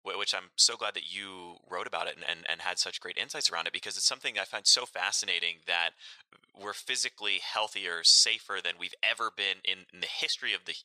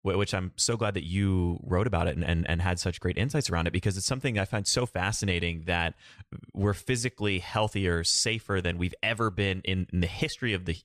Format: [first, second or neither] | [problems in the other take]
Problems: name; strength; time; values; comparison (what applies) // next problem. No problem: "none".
second | thin; very; fading below 800 Hz